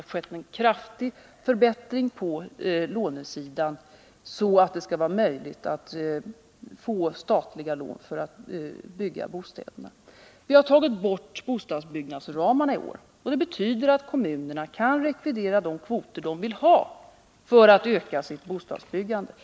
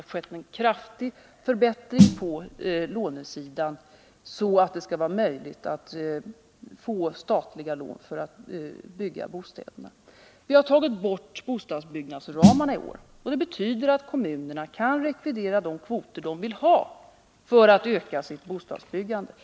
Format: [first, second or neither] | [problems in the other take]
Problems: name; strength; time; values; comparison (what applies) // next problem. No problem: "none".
first | background sound (Snare drum); 2 dB above the speech